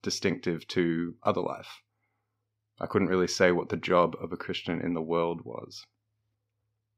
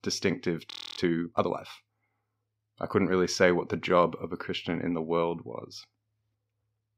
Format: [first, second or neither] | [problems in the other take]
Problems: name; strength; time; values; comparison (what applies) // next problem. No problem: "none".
first | audio freezing; at 0.5 s